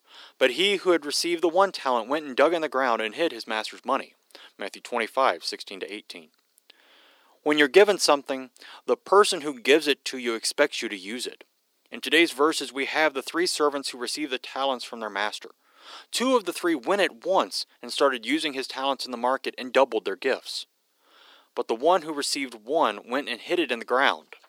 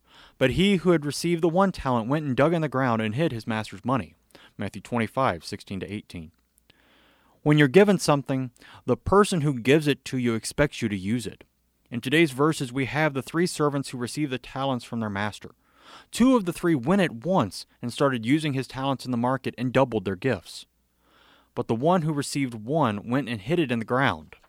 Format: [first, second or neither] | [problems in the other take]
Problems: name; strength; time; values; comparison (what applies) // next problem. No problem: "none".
second | thin; somewhat; fading below 350 Hz